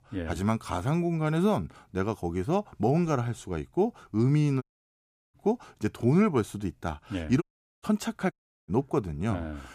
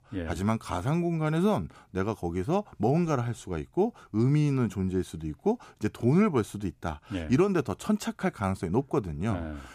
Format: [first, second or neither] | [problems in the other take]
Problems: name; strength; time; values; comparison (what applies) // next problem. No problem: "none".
second | audio cutting out; at 4.5 s for 0.5 s, at 7.5 s and at 8.5 s